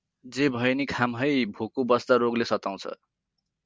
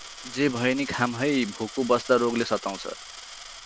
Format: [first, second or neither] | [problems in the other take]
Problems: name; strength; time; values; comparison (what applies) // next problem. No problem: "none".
first | background sound (Coin (dropping)); 15 dB below the speech